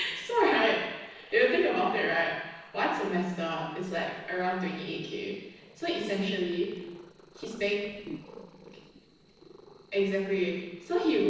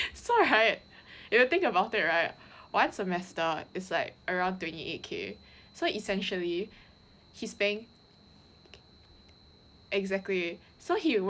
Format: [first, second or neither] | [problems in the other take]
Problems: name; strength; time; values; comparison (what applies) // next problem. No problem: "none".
second | noise reduction (neural separator model SepFormer DNS4)